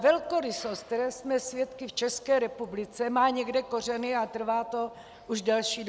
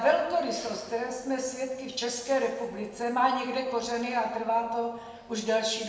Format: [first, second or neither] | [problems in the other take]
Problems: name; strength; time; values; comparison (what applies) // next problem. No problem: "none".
first | room echo; dies away in 1.3 s